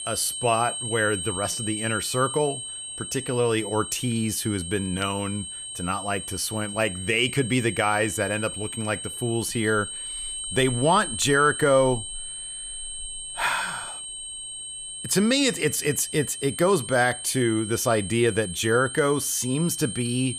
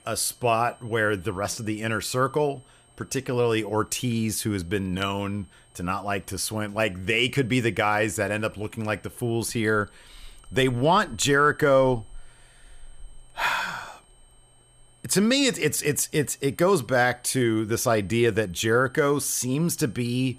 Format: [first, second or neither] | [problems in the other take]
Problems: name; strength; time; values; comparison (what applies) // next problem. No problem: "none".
second | high-pitched whine; loud; throughout; 8.5 kHz, 7 dB below the speech; faint in the second